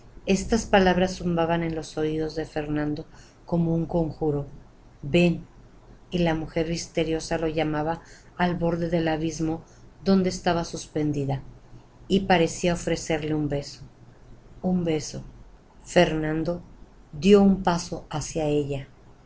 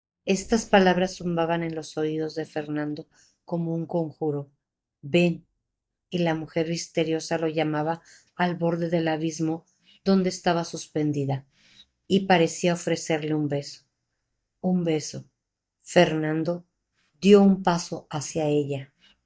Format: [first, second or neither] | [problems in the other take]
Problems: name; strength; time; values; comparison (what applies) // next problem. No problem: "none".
first | noise reduction (neural mask model DeepFilterNet 3)